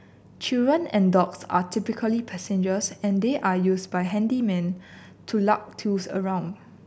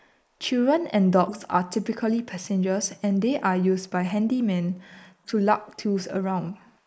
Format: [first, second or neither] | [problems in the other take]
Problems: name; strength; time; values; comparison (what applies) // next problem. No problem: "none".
first | noise reduction (neural mask model Resemble Enhance denoiser)